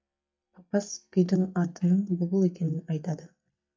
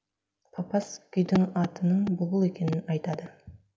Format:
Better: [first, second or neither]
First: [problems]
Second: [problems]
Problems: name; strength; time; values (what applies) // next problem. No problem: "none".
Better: second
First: noise reduction (neural mask model DeepFilterNet 3)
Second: none